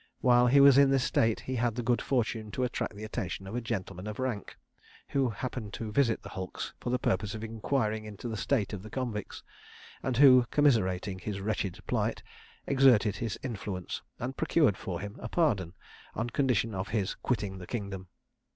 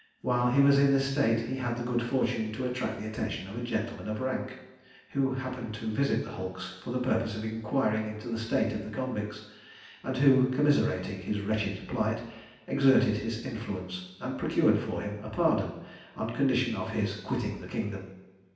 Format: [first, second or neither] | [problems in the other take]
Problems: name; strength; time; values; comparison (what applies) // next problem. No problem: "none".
first | room echo; dies away in 0.9 s